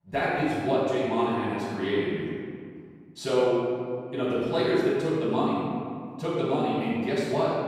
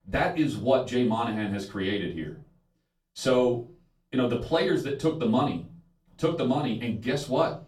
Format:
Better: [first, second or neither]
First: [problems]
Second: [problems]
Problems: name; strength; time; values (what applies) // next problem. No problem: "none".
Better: second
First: room echo; strong; dies away in 2 s // off-mic speech; far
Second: room echo; slight; dies away in 0.3 s // off-mic speech; far